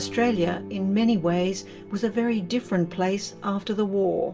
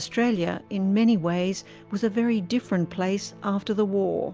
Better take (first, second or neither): second